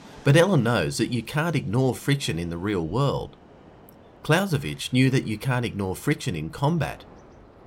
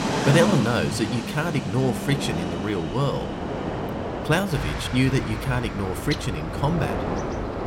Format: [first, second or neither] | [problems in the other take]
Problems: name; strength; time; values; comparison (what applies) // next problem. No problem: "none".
first | train or aircraft noise; loud; throughout; 4 dB below the speech; faint in the first